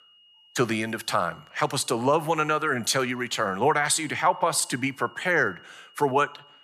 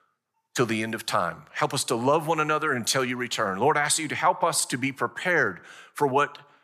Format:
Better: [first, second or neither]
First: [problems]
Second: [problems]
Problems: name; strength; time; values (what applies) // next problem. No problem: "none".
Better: second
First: high-pitched whine; faint; throughout; 3 kHz, 30 dB below the speech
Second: none